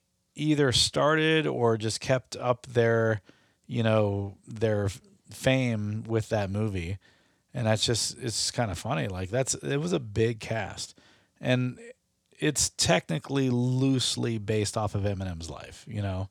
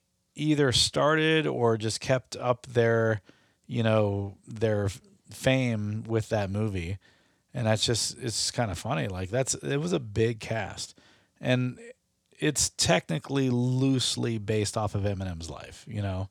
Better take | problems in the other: neither | none

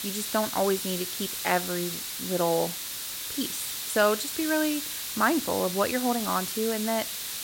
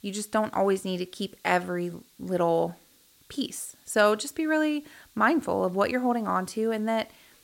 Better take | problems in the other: second | hiss; loud; throughout; 3 dB below the speech; faint in the second

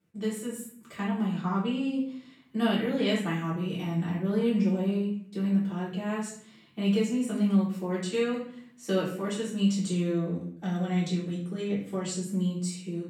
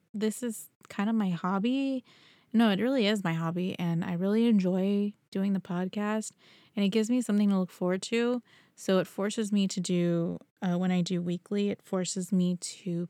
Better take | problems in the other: second | off-mic speech; far // room echo; noticeable; dies away in 0.5 s

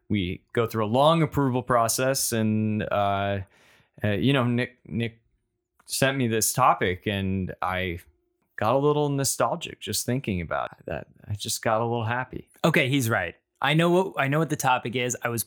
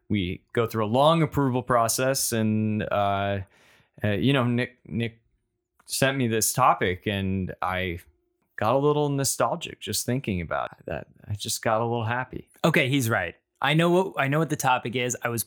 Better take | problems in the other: neither | none

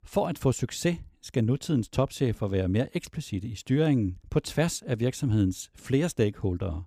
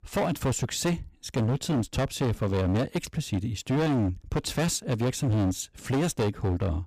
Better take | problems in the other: first | distortion; heavy; 20% of the sound clipped

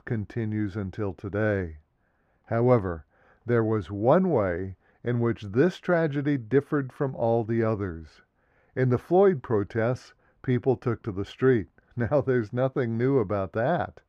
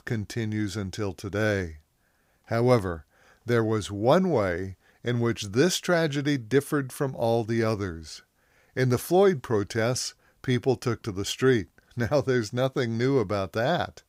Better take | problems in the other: second | muffled; very; fading above 3.5 kHz

